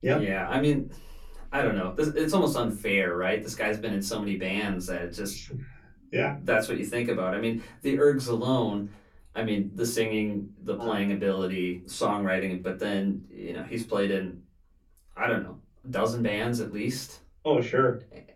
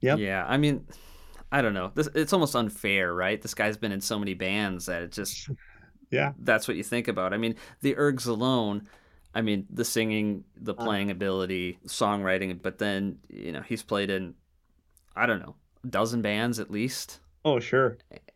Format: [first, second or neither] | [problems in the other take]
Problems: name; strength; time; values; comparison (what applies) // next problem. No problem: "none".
second | off-mic speech; far // room echo; very slight; dies away in 0.2 s